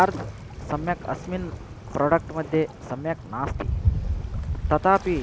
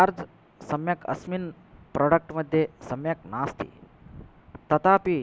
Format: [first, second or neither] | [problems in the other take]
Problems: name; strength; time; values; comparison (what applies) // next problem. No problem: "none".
second | background sound (Waves, surf); 4 dB below the speech